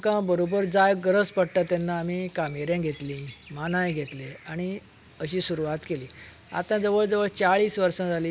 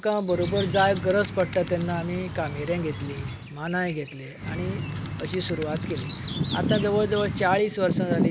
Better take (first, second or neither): first